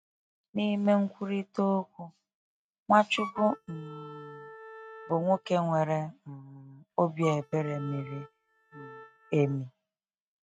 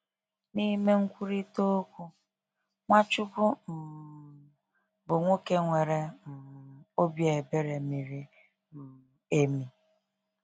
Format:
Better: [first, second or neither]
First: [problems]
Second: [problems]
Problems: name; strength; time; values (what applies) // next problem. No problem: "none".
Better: second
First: noise reduction (neural mask model RNNoise)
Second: none